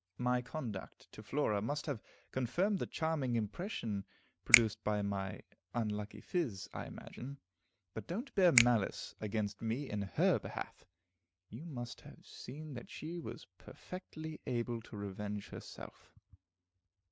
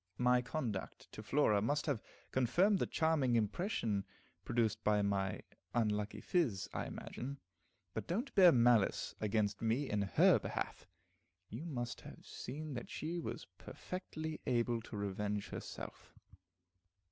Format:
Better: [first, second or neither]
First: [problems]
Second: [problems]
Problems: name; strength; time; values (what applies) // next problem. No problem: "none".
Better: second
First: noise reduction (neural mask model RNNoise)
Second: none